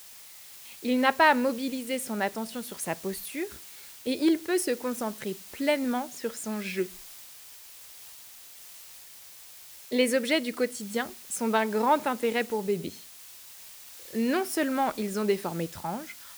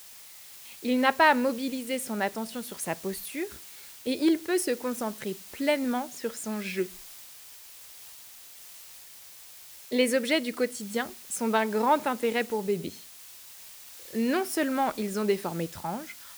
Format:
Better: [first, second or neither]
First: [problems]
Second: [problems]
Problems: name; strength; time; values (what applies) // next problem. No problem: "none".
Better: neither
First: hiss; noticeable; throughout; 15 dB below the speech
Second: hiss; noticeable; throughout; 15 dB below the speech